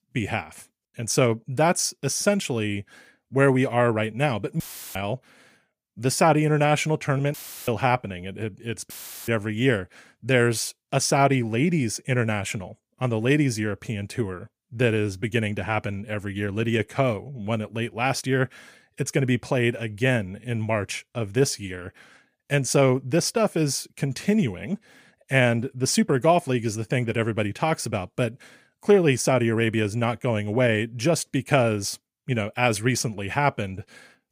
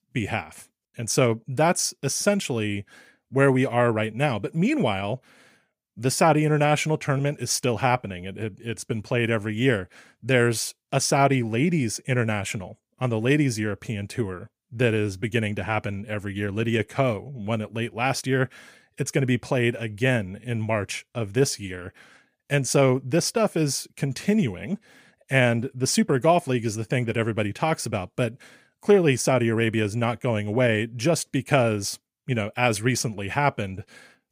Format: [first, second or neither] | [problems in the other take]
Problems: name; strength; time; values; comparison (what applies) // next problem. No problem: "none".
second | audio cutting out; filled with static; at 4.5 s, at 7.5 s and at 9 s